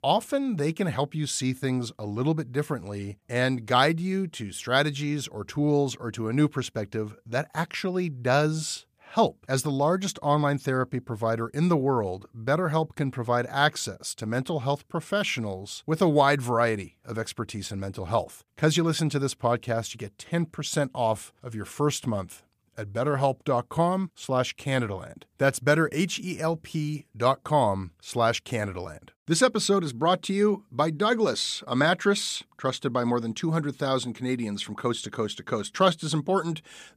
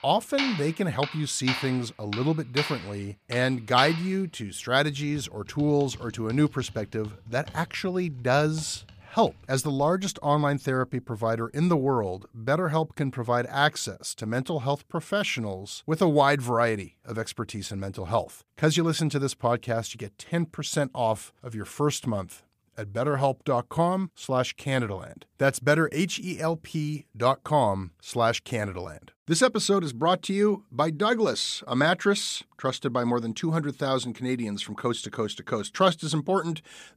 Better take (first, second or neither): first